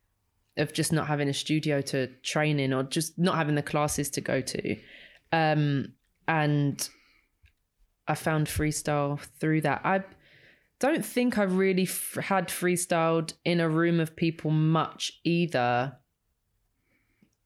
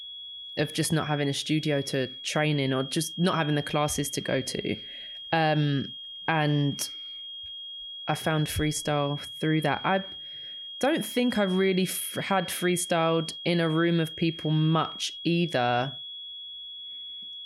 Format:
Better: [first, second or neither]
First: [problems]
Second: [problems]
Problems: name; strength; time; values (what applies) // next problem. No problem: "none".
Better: first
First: none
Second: high-pitched whine; noticeable; throughout; 3.5 kHz, 10 dB below the speech